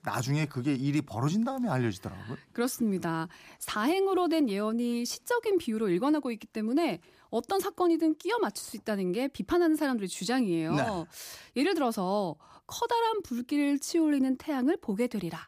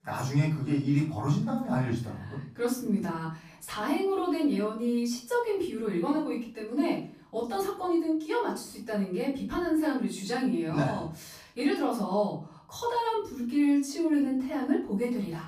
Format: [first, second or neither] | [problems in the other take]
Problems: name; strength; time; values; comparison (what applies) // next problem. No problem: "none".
first | off-mic speech; far // room echo; slight; dies away in 0.4 s